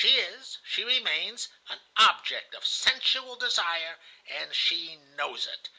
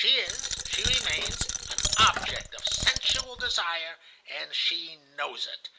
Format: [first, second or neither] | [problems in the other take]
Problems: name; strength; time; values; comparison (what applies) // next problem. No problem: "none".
first | background sound (Coin (dropping)); 3 dB below the speech